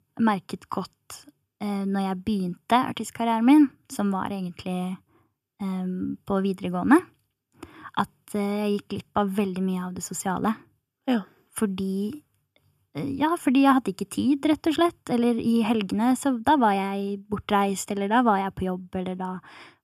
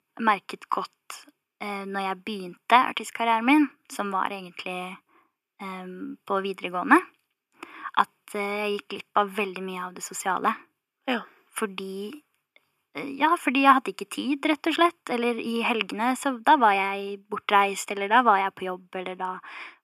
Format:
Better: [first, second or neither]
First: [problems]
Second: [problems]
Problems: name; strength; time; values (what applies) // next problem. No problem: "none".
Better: first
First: none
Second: thin; somewhat; fading below 350 Hz